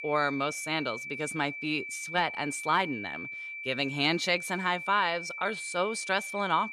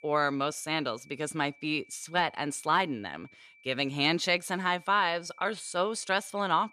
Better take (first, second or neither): second